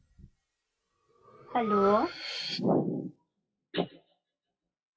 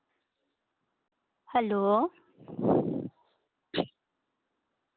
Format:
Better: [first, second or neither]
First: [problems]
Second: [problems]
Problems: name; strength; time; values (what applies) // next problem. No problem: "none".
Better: second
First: noise reduction (classical method WPE with log-MMSE)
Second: none